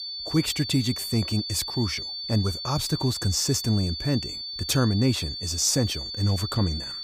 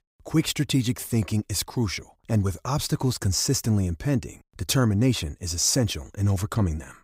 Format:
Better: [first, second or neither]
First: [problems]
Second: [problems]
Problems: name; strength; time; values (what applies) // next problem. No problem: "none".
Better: second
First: high-pitched whine; loud; throughout; 4.5 kHz, 6 dB below the speech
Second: none